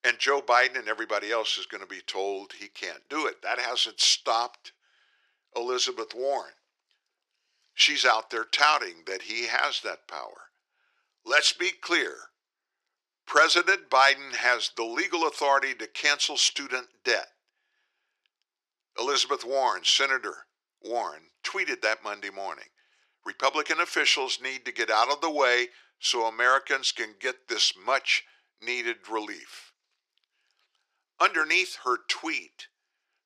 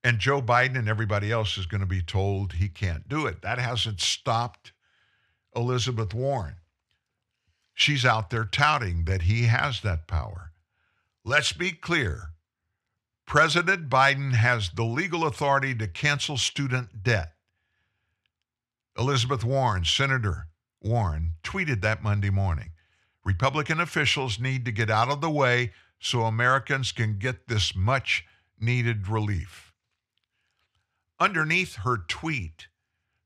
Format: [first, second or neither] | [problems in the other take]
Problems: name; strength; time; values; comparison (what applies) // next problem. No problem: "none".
second | thin; very; fading below 350 Hz